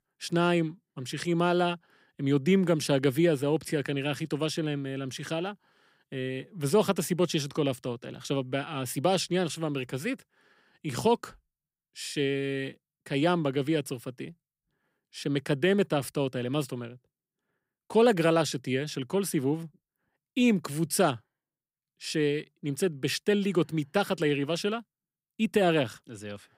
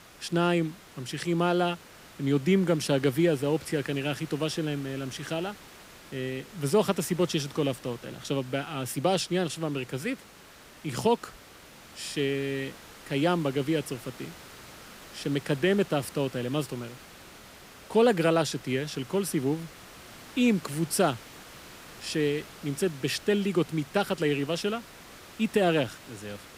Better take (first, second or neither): first